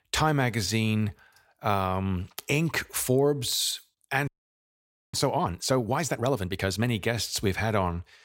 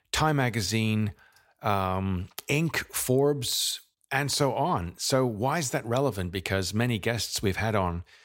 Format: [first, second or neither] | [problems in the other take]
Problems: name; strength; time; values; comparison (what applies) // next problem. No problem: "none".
second | audio freezing; at 4.5 s for 1 s